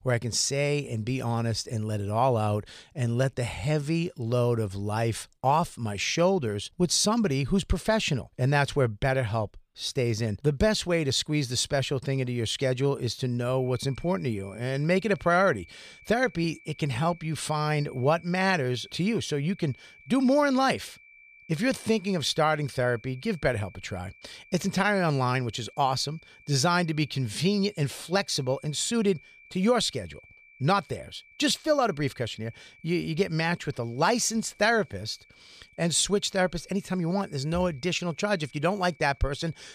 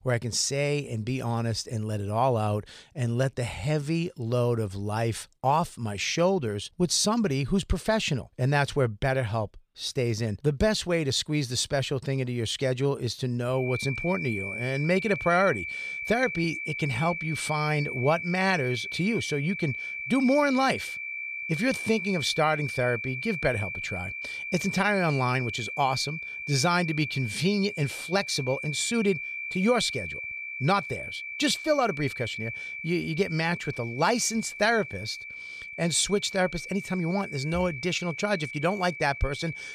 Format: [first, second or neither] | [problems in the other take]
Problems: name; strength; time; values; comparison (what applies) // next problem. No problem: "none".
first | high-pitched whine; loud; from 14 s on; 2.5 kHz, 6 dB below the speech; faint in the first